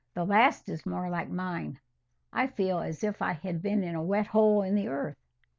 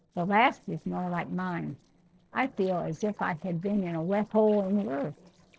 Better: first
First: none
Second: noise reduction (neural separator model SepFormer DNS4)

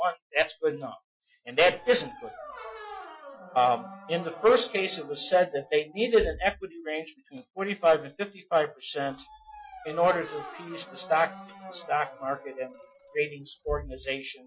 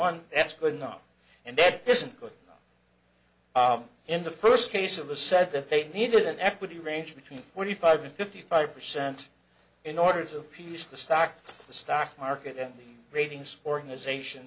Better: second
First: noise reduction (classical method Wiener filter)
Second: none

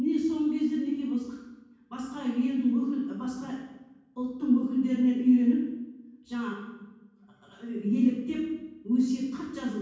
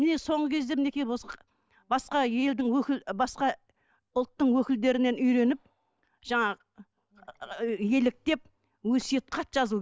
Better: second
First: room echo; dies away in 1.2 s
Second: none

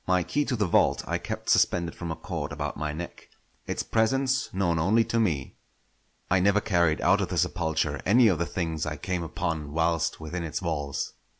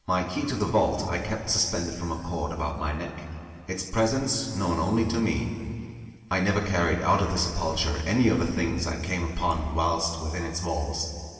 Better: first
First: none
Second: room echo; dies away in 2.5 s

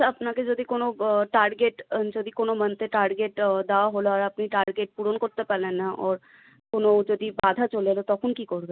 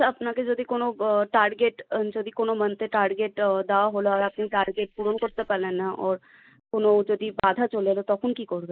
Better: first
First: none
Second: noise reduction (neural mask model Resemble Enhance denoiser)

